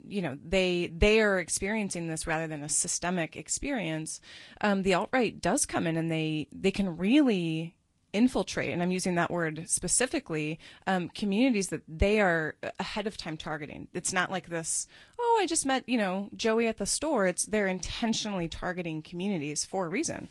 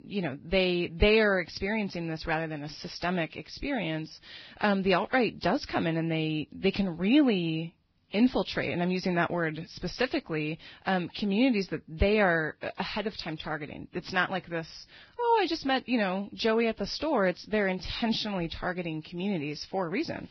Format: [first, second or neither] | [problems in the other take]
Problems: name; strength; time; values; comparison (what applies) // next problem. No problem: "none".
first | garbled, watery; badly; nothing above 5.5 kHz; slightly in the first